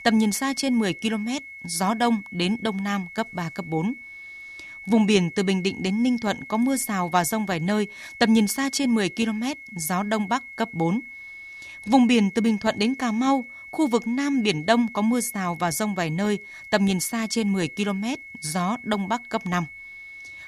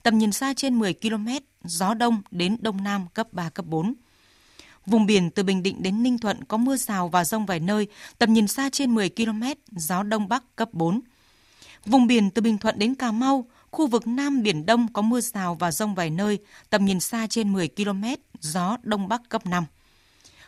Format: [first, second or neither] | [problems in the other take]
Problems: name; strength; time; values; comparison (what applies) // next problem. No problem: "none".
second | high-pitched whine; noticeable; throughout; 2 kHz, 15 dB below the speech